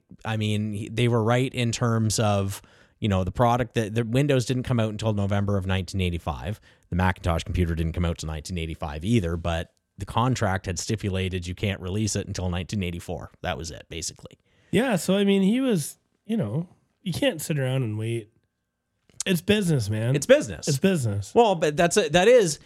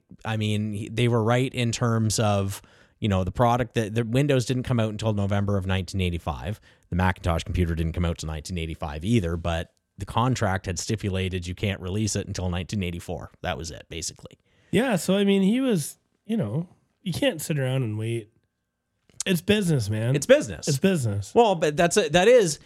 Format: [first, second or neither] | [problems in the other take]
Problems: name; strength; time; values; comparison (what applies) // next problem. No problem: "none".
neither | none